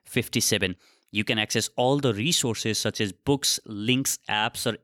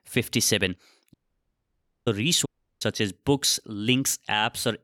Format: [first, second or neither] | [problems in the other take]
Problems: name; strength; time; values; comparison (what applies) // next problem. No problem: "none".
first | audio cutting out; at 1 s for 1 s and at 2.5 s